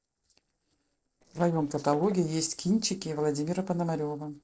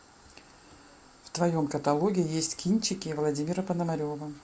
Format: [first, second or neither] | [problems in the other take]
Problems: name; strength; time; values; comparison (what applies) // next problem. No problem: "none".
second | noise reduction (neural separator model SepFormer DNS4)